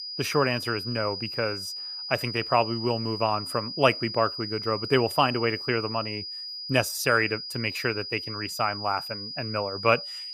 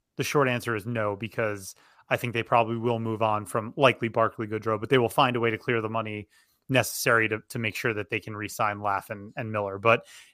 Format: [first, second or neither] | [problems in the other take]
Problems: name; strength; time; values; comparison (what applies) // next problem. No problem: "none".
second | high-pitched whine; loud; throughout; 5 kHz, 7 dB below the speech